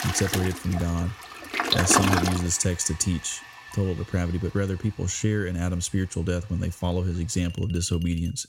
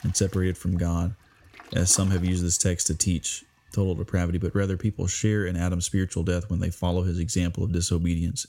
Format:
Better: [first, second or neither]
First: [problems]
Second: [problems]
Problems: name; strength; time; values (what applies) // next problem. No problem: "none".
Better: second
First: household noises; loud; throughout; 1 dB below the speech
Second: household noises; faint; throughout; 20 dB below the speech